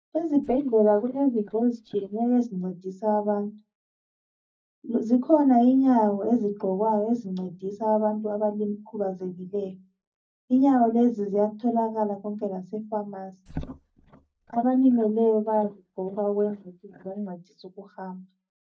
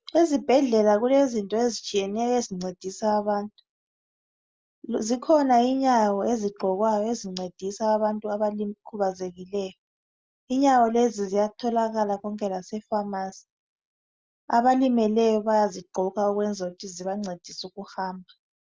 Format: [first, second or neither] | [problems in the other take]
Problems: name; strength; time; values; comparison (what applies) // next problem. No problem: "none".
second | noise reduction (neural mask model DeepFilterNet 3)